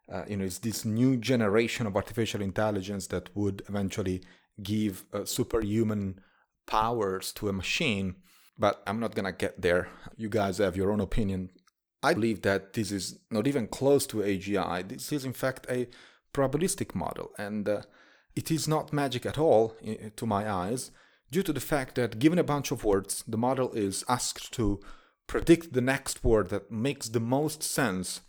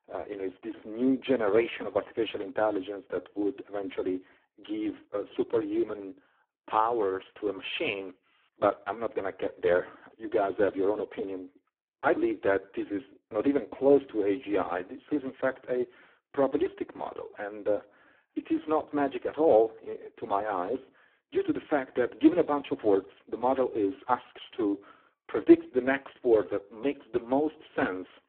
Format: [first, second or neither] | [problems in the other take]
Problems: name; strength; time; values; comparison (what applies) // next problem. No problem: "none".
first | phone-call audio; poor line